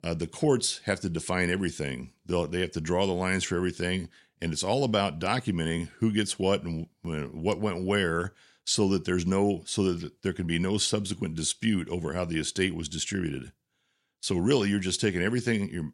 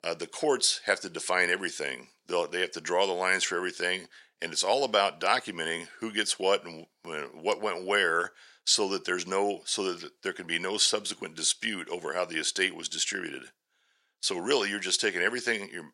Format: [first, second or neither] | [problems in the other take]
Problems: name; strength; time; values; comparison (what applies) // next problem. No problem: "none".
first | thin; very; fading below 550 Hz